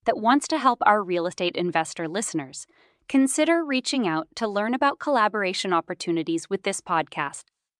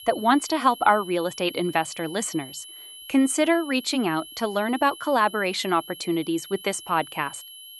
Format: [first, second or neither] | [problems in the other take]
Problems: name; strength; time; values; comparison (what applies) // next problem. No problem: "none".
first | high-pitched whine; noticeable; throughout; 3 kHz, 15 dB below the speech